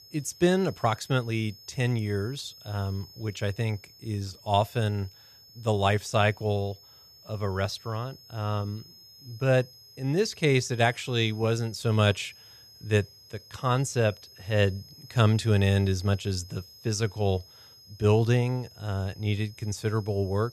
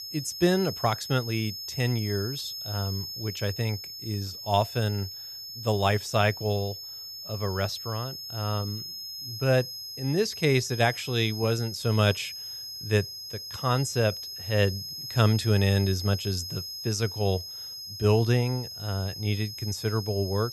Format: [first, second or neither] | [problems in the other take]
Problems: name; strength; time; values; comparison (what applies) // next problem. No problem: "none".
first | high-pitched whine; loud; throughout; 5 kHz, 8 dB below the speech; faint in the first